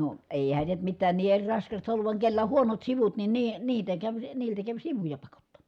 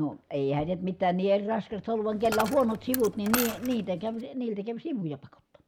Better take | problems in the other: first | background sound (Coin (dropping)); 7 dB below the speech

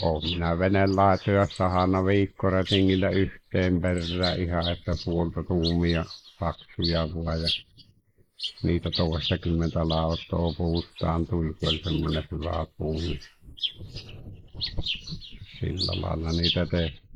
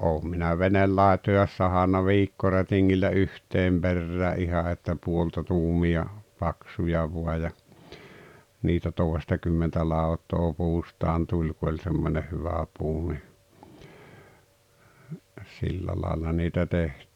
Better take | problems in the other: second | noise reduction (neural mask model Resemble Enhance denoiser)

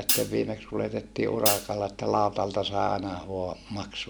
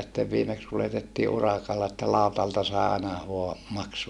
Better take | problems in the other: second | background sound (Hi-hat); 2 dB below the speech

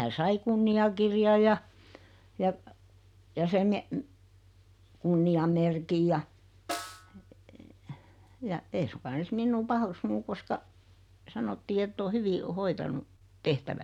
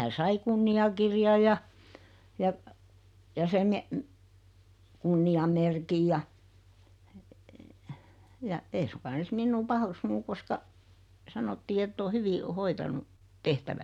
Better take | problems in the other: second | background sound (Snare drum); 13 dB below the speech

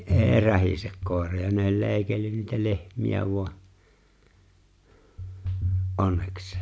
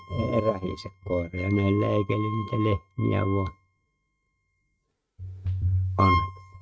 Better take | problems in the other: first | noise reduction (neural mask model RNNoise)

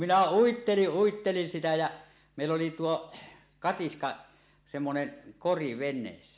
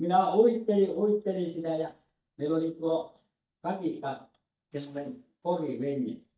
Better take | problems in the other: first | noise reduction (neural mask model DeepFilterNet 3)

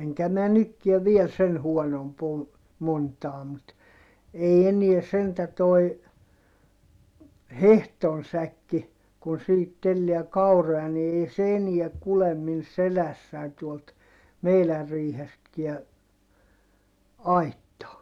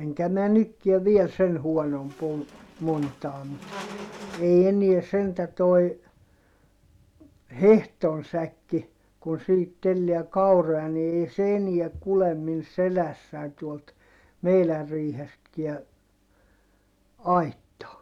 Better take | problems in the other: first | background sound (Squeak); 17 dB below the speech

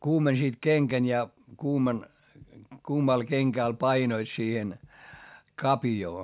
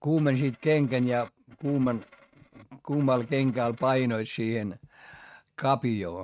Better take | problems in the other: first | noise reduction (neural mask model RNNoise)

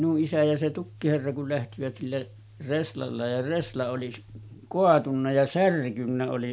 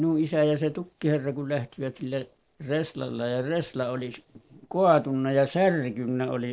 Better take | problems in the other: first | noise reduction (neural separator model SepFormer DNS4)

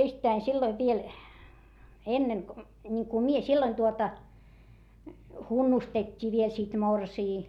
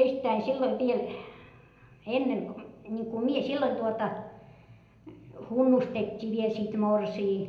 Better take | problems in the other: first | room echo; dies away in 0.7 s

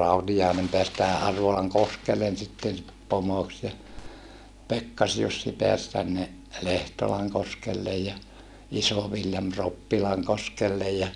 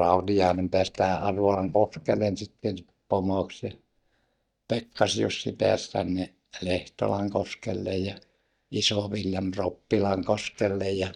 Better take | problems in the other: first | noise reduction (neural mask model DeepFilterNet 3)

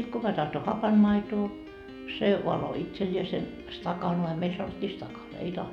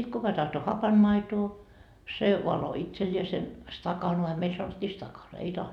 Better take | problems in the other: second | background sound (Piano); 15 dB below the speech

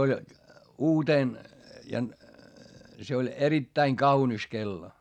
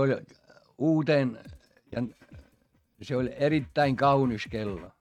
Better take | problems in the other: first | noise reduction (neural mask model RNNoise)

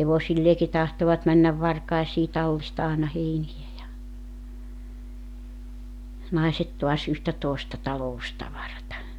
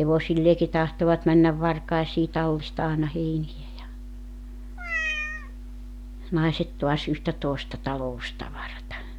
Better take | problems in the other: first | background sound (Meow); 6 dB below the speech

